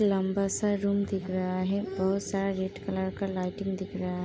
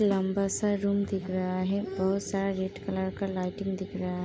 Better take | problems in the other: first | background sound (Snare drum); 19 dB below the speech

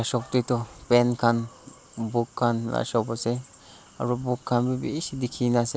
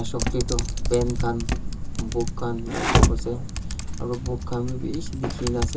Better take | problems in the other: first | background sound (Typing); 4 dB above the speech // room echo; dies away in 0.2 s

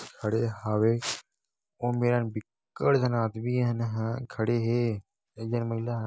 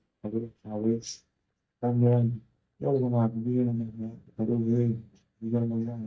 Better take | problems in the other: first | noise reduction (neural mask model DeepFilterNet 3)

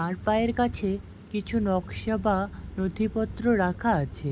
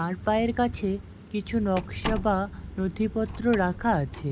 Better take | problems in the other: first | background sound (Slam); 13 dB below the speech

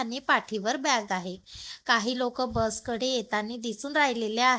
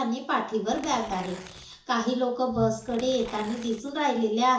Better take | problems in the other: first | background sound (Tearing); 20 dB below the speech // room echo; dies away in 0.7 s

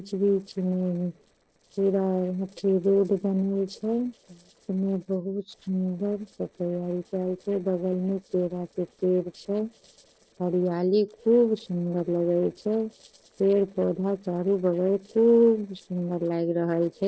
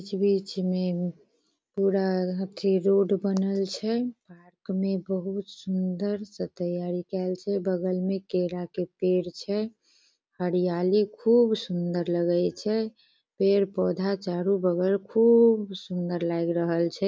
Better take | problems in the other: second | noise reduction (neural separator model SepFormer DNS4)

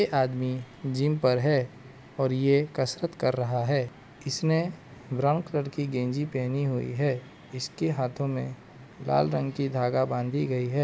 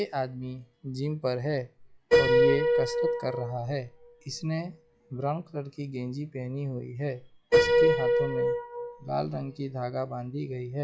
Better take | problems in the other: first | noise reduction (classical method log-MMSE)

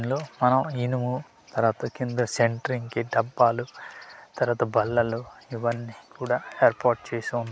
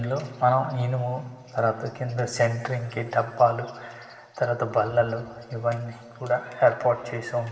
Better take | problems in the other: first | room echo; dies away in 1.7 s

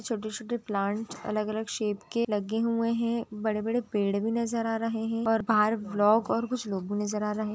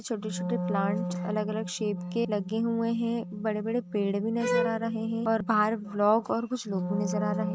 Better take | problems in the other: first | noise reduction (neural mask model RNNoise)

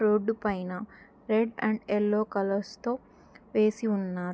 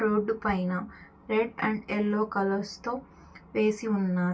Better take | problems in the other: first | room echo; dies away in 0.1 s

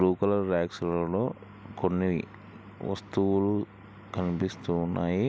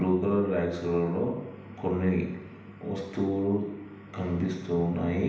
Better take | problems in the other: first | room echo; dies away in 0.9 s

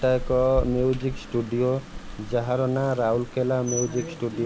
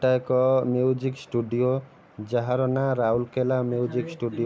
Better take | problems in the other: second | background sound (Rain); 10 dB below the speech

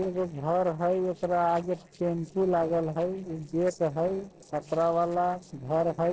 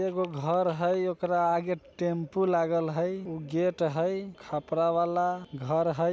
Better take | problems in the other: second | noise reduction (neural separator model SepFormer DNS4)

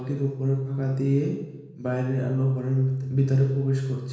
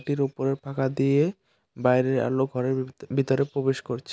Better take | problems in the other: second | room echo; dies away in 1.1 s

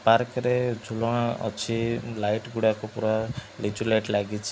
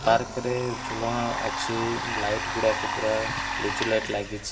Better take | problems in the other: first | background sound (Domestic sounds, home sounds); 3 dB below the speech // room echo; dies away in 0.6 s

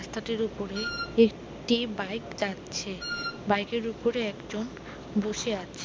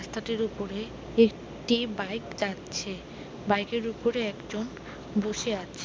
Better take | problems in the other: second | background sound (Wind instrument, woodwind instrument); 7 dB below the speech

